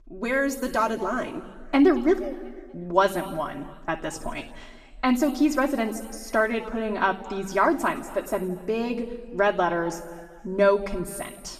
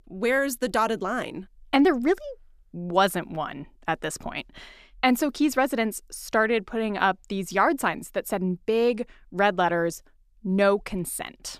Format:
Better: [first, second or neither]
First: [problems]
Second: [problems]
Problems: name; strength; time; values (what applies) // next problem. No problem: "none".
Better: second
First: room echo; noticeable; dies away in 1.4 s // off-mic speech; far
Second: none